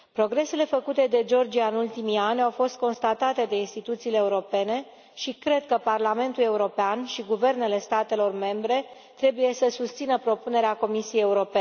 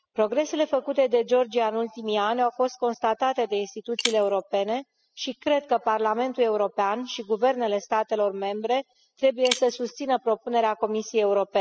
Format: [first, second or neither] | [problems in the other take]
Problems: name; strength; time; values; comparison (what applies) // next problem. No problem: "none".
first | noise reduction (classical method spectral subtraction)